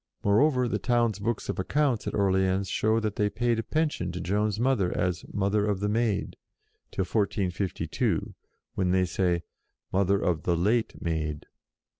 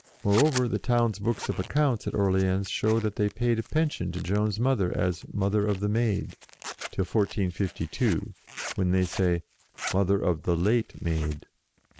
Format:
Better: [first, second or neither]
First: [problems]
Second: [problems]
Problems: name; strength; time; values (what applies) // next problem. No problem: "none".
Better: first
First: none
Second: noise reduction (neural mask model Resemble Enhance denoiser)